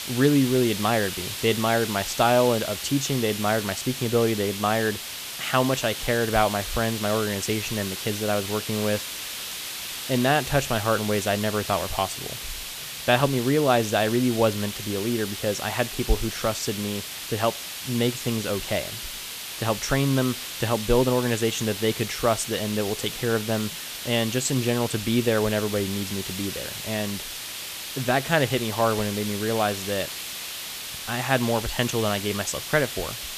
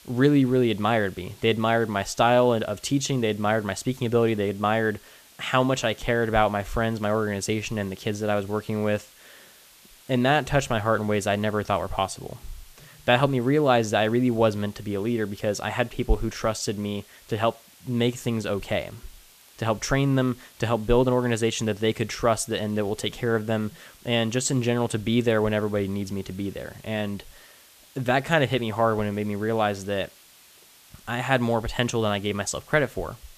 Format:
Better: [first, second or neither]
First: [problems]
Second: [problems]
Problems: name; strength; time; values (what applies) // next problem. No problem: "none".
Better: second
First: hiss; loud; throughout; 7 dB below the speech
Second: hiss; faint; throughout; 25 dB below the speech